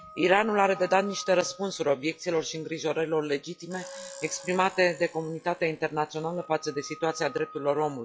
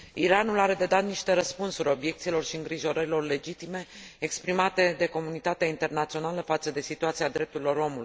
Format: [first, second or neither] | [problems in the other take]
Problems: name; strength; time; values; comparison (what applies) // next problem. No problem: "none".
second | noise reduction (classical method log-MMSE)